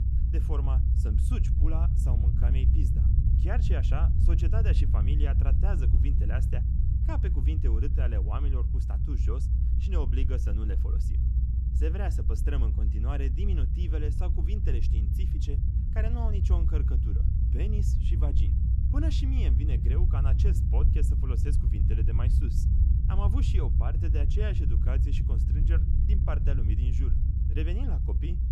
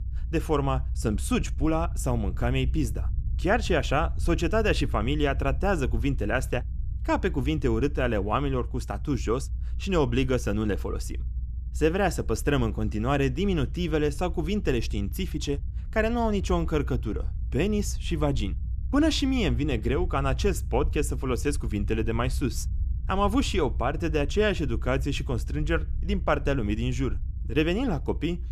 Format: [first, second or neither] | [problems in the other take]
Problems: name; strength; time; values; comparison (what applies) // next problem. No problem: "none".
second | low rumble; loud; throughout; 1 dB below the speech; faint in the second